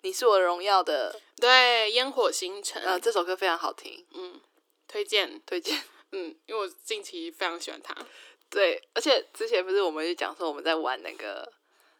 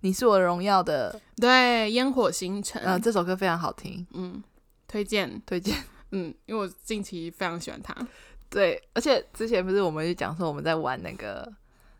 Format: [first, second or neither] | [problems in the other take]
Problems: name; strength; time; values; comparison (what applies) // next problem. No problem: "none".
second | thin; very; fading below 300 Hz